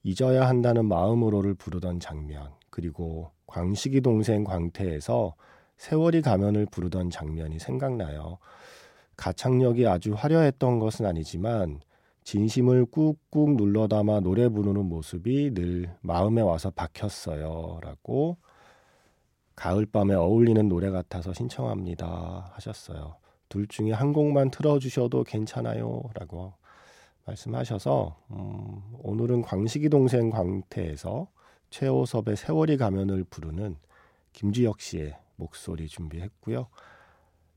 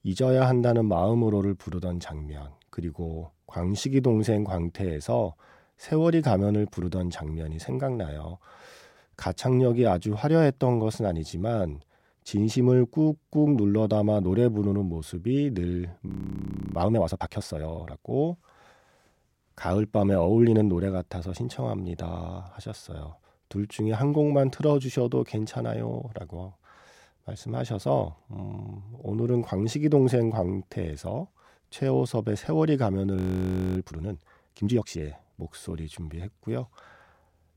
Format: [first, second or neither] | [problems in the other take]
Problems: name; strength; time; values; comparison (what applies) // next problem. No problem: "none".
first | audio freezing; at 16 s for 0.5 s and at 33 s for 0.5 s